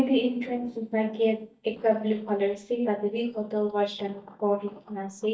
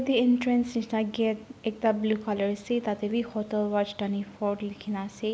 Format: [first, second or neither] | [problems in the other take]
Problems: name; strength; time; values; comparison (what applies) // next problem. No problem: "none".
second | noise reduction (neural mask model DeepFilterNet 3)